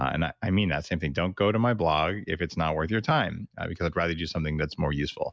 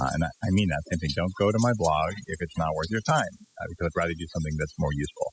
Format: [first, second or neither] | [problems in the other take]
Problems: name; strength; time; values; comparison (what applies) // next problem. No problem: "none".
first | noise reduction (classical method spectral subtraction)